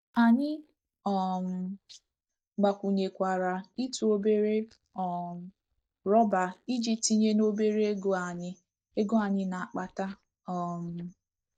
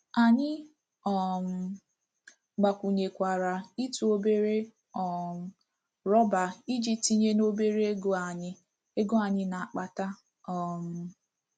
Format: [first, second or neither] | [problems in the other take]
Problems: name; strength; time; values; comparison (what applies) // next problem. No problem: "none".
second | noise reduction (neural mask model DeepFilterNet 3)